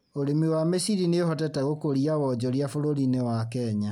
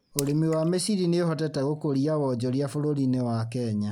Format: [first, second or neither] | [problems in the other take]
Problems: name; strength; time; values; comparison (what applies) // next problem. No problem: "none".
first | background sound (Raindrop / Splash, splatter); 14 dB below the speech